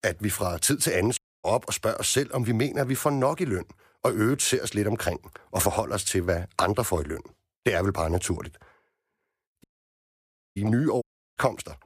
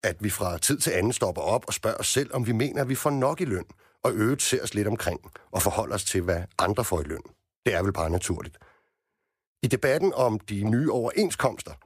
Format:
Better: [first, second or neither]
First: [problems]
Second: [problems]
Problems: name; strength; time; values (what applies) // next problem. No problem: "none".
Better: second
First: audio cutting out; at 1 s, at 9.5 s for 1 s and at 11 s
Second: none